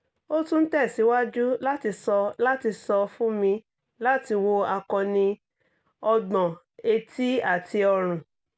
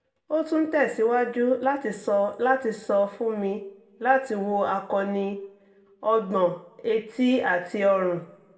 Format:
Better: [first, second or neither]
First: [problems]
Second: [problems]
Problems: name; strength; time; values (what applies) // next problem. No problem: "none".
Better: first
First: none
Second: room echo; dies away in 0.8 s